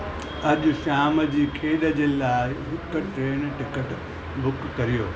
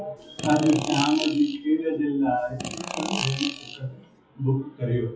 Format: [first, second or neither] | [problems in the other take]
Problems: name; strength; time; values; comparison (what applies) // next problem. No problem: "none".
first | noise reduction (classical method WPE with log-MMSE)